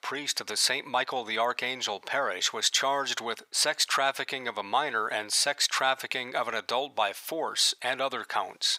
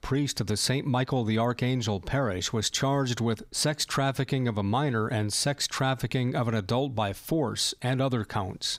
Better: second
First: thin; very; fading below 750 Hz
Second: none

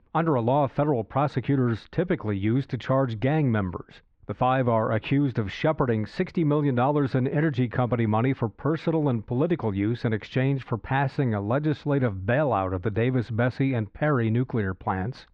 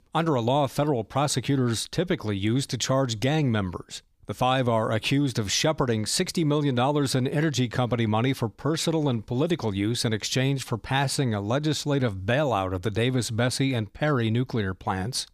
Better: second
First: muffled; very; fading above 2 kHz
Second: none

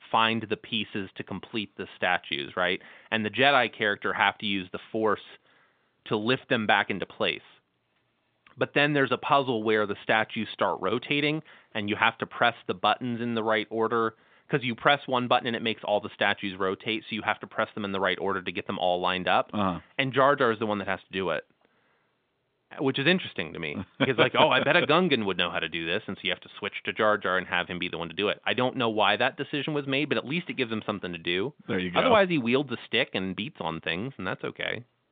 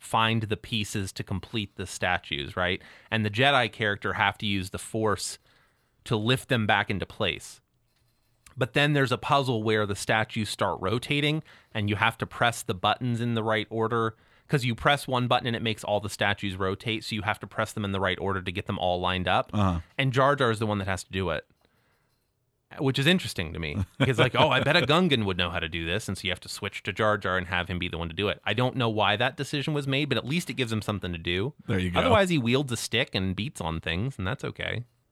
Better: second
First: phone-call audio; nothing above 3.5 kHz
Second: none

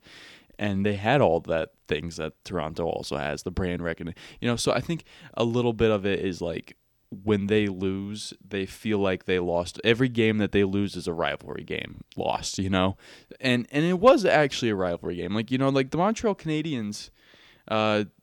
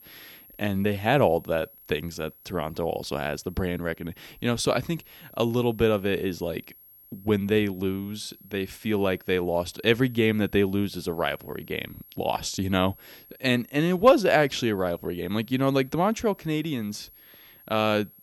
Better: first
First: none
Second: high-pitched whine; faint; throughout; 11.5 kHz, 25 dB below the speech

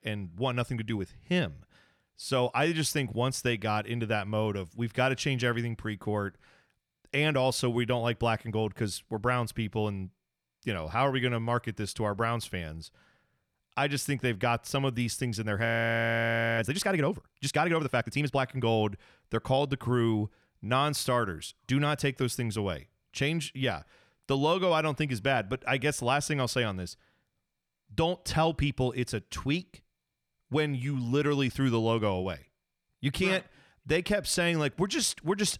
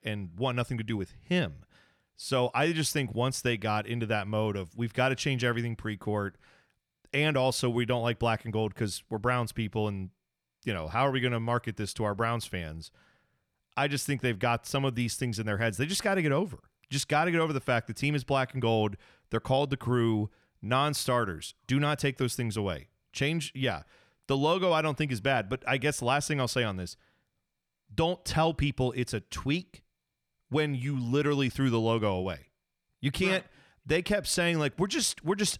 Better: second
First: audio freezing; at 16 s for 1 s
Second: none

